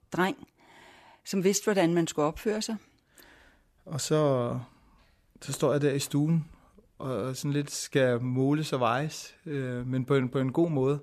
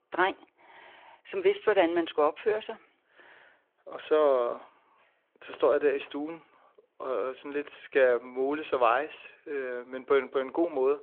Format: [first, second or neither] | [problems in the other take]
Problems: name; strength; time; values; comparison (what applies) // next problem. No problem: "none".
first | phone-call audio